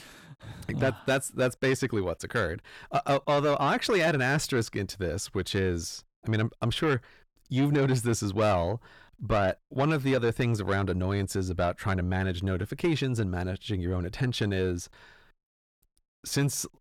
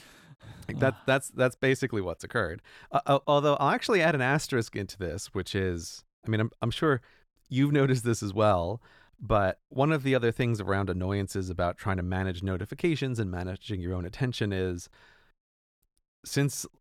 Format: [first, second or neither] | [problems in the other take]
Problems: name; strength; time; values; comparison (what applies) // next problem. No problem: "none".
second | distortion; slight; 10 dB below the speech